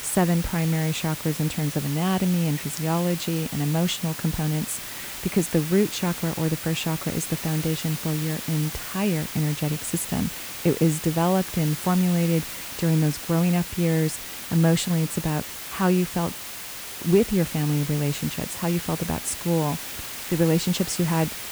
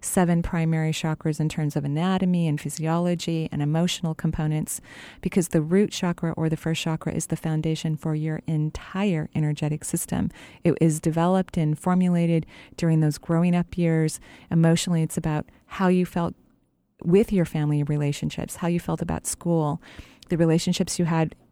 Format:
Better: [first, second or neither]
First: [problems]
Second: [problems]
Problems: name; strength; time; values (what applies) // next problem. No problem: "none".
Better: second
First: hiss; loud; throughout; 8 dB below the speech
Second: none